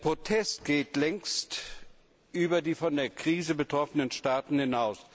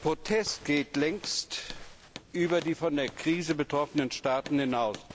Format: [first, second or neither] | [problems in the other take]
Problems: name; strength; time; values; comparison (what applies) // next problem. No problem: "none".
first | background sound (Walk, footsteps + Hammer); 18 dB below the speech